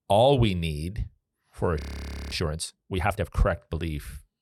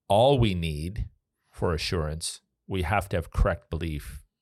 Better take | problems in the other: second | audio freezing; at 2 s for 0.5 s

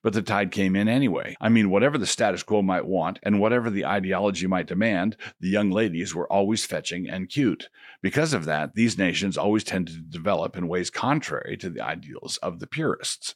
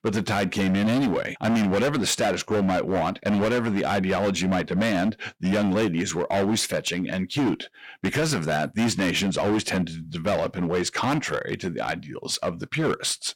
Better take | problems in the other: first | distortion; heavy; 18% of the sound clipped

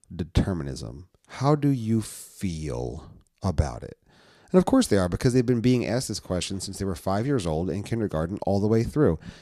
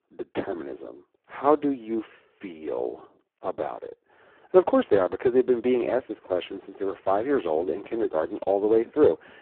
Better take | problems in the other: first | phone-call audio; poor line

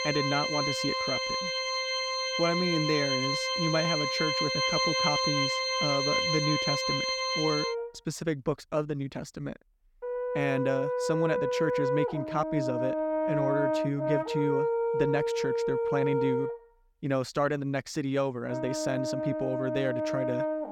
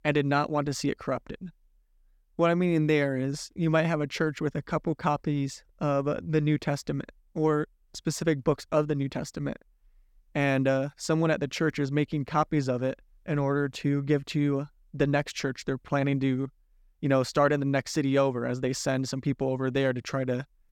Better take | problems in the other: second | background music; very loud; throughout; 3 dB above the speech

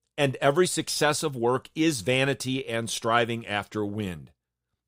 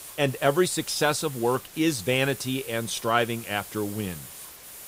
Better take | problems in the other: first | hiss; noticeable; throughout; 15 dB below the speech

